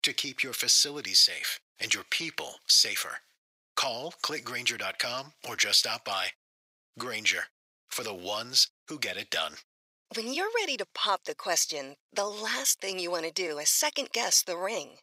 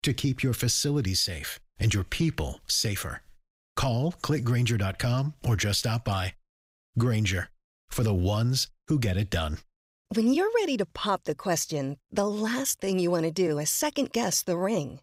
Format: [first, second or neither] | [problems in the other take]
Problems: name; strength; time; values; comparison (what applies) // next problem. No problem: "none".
second | thin; very; fading below 600 Hz